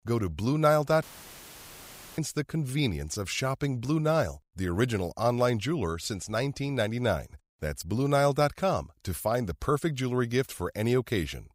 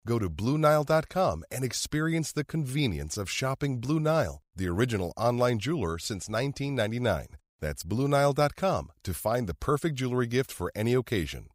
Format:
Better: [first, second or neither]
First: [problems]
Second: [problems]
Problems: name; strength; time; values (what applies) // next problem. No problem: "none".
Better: second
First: audio cutting out; filled with static; at 1 s for 1 s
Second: none